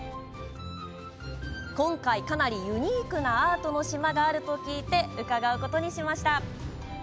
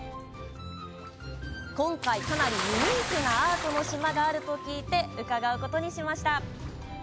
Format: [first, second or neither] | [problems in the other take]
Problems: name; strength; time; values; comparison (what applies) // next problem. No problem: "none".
first | background sound (Bathtub (filling or washing) / Splash, splatter); 7 dB below the speech